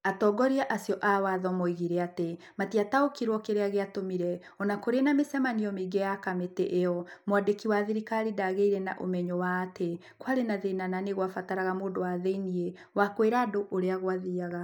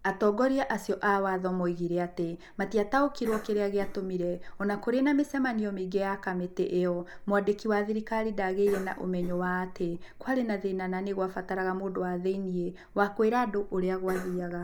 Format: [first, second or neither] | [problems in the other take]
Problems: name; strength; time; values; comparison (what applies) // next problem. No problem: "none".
first | background sound (Cough); 15 dB below the speech